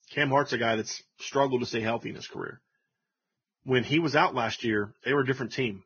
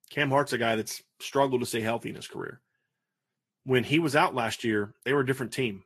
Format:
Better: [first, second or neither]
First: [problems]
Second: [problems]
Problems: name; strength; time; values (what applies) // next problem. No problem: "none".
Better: second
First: garbled, watery; badly; nothing above 6.5 kHz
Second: garbled, watery; slightly; nothing above 12.5 kHz